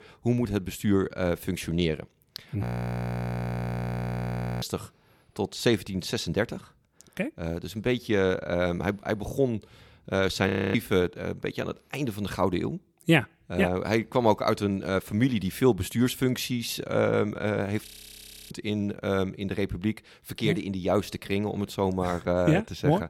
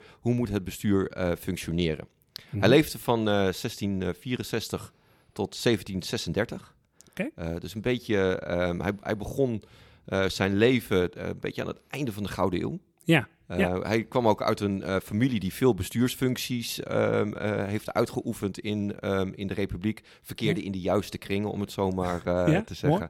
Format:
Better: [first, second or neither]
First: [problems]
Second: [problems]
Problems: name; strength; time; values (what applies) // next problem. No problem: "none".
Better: second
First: audio freezing; at 2.5 s for 2 s, at 10 s and at 18 s for 0.5 s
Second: none